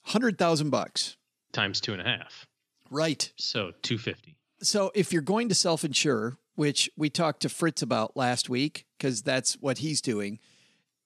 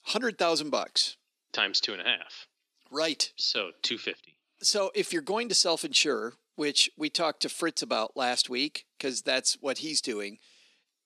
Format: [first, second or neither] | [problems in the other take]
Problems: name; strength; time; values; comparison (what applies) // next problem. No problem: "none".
first | thin; somewhat; fading below 300 Hz